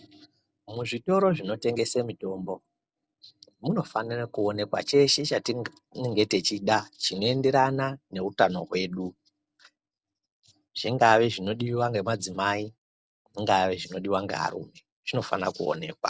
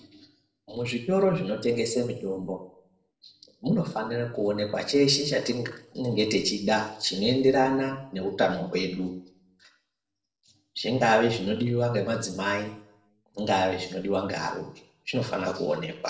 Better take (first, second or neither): first